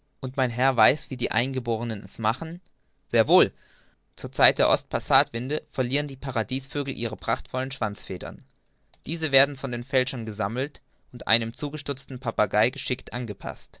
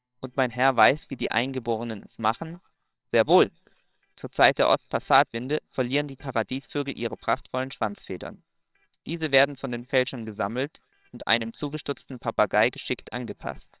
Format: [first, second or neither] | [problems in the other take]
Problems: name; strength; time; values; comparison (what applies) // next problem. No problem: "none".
first | noise reduction (neural separator model SepFormer WHAMR!)